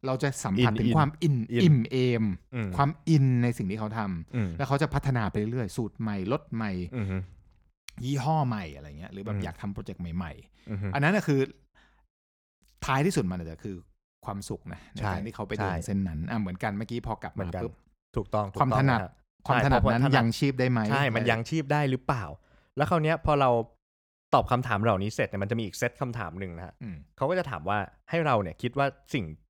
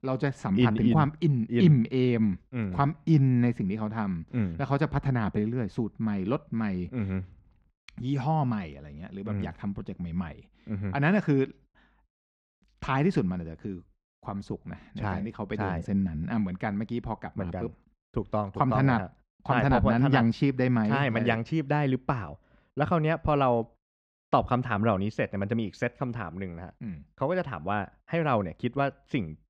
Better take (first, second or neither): first